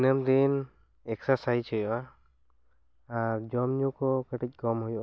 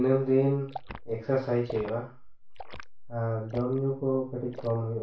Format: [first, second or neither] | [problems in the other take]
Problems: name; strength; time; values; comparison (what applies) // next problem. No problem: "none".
first | background sound (Liquid); 18 dB below the speech // room echo; dies away in 0.3 s